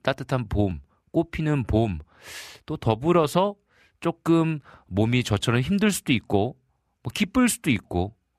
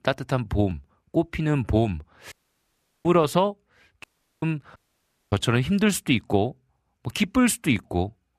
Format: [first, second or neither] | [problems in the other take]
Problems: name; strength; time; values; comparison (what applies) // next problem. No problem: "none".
first | audio cutting out; at 2.5 s for 0.5 s, at 4 s and at 5 s for 0.5 s